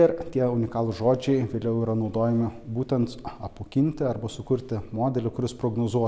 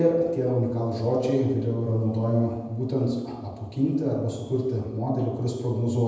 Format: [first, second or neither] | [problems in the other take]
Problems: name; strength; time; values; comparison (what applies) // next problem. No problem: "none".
first | room echo; dies away in 1 s